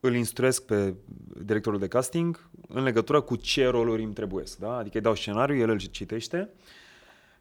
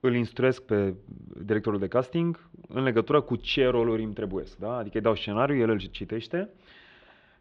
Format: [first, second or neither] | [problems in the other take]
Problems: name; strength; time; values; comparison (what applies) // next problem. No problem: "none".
first | muffled; slightly; fading above 3.5 kHz